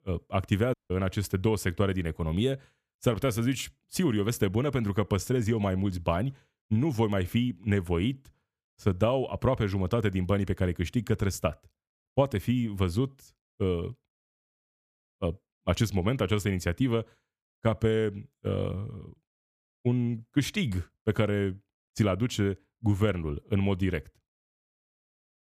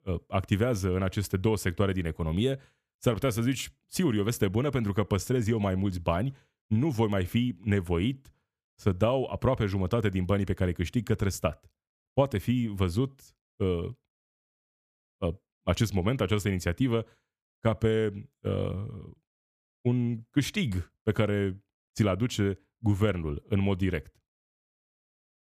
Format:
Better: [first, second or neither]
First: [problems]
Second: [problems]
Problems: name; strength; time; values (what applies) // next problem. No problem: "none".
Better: second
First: audio cutting out; at 0.5 s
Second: none